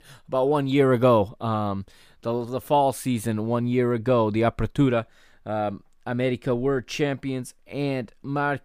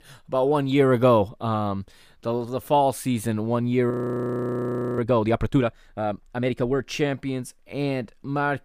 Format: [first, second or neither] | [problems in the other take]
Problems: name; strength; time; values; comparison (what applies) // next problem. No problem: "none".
first | audio freezing; at 4 s for 1 s